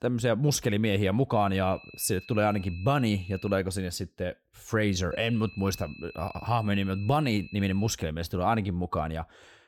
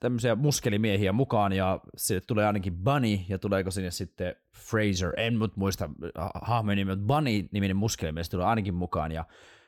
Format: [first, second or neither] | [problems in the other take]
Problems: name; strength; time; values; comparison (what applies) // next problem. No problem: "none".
second | high-pitched whine; noticeable; from 1.5 to 3.5 s and from 5 to 8 s; 2.5 kHz, 20 dB below the speech